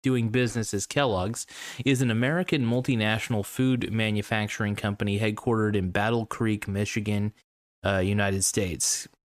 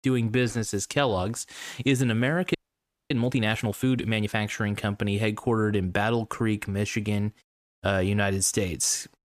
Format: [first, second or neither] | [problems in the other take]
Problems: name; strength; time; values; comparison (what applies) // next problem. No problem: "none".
first | audio freezing; at 2.5 s for 0.5 s